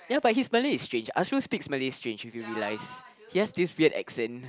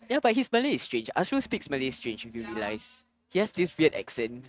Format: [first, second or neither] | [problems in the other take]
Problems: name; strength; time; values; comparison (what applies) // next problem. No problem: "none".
first | noise reduction (neural mask model RNNoise)